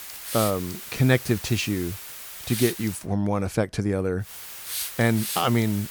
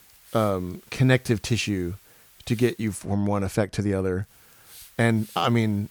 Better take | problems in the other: second | hiss; loud; until 3 s and from 4.5 s on; 7 dB below the speech; faint in the second

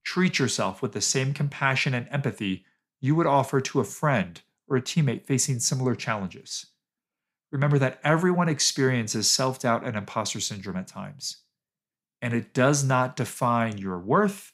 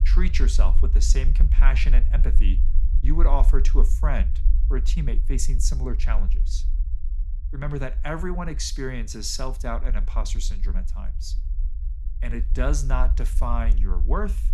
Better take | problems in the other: first | low rumble; noticeable; throughout; 15 dB below the speech

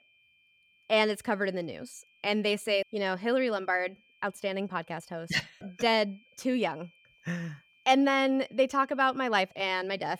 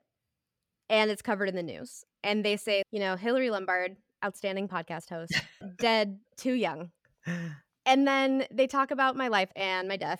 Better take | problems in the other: second | high-pitched whine; faint; throughout; 2.5 kHz, 35 dB below the speech

